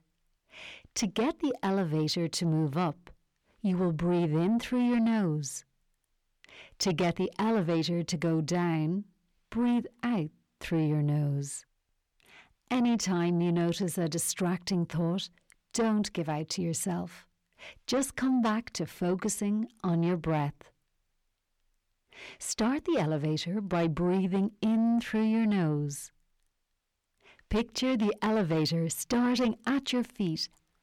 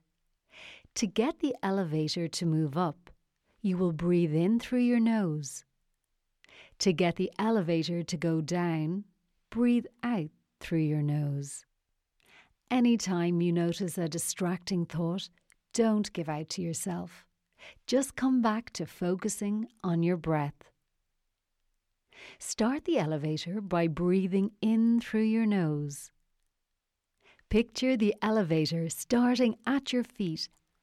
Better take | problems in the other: second | distortion; slight; 10 dB below the speech

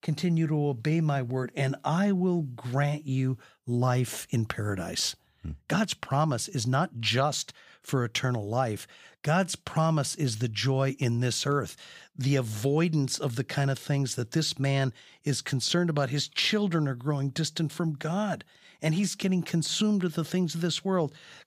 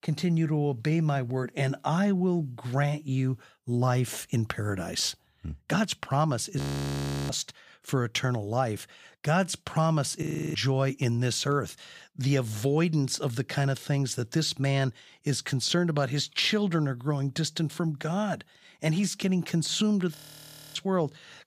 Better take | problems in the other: first | audio freezing; at 6.5 s for 0.5 s, at 10 s and at 20 s for 0.5 s

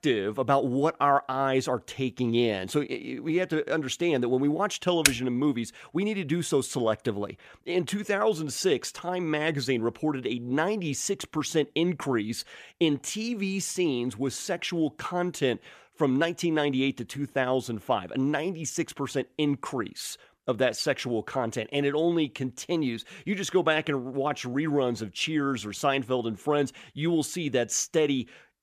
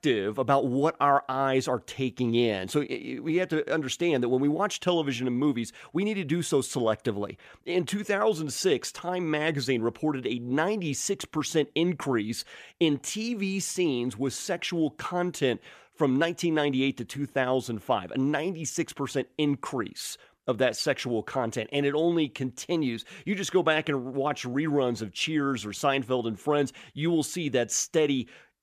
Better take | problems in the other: second | keyboard typing; very faint; at 5 s; peak 4 dB above the speech

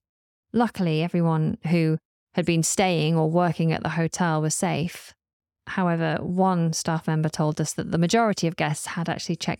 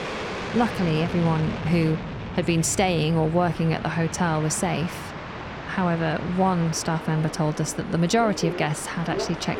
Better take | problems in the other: first | train or aircraft noise; loud; throughout; 9 dB below the speech

